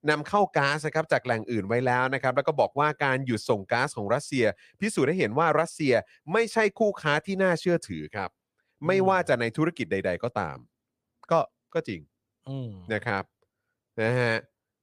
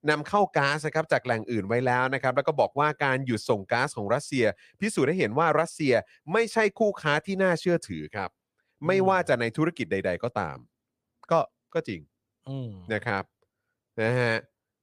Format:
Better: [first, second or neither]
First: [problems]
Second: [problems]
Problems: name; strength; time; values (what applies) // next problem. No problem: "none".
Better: neither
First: none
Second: none